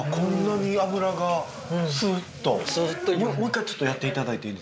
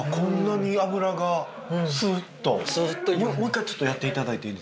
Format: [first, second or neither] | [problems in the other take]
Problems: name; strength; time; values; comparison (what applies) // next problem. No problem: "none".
second | background sound (Drip / Rain); 19 dB below the speech